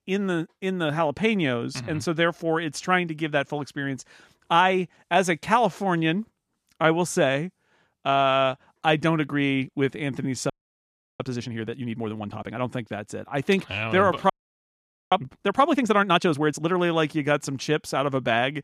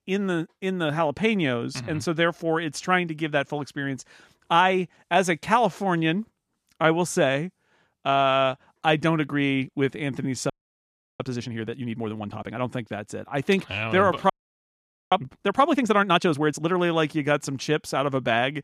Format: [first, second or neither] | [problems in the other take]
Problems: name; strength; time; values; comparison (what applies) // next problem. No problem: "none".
neither | audio freezing; at 11 s for 0.5 s and at 14 s for 1 s; the same in both